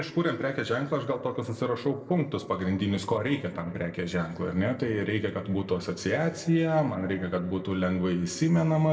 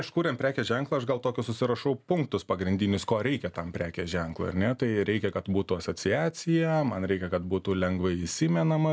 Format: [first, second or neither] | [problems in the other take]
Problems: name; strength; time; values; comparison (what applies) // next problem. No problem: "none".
second | noise reduction (neural separator model SepFormer DNS4)